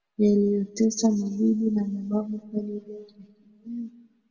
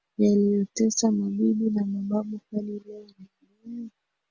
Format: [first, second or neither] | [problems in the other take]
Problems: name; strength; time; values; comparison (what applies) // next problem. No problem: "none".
second | room echo; dies away in 1.6 s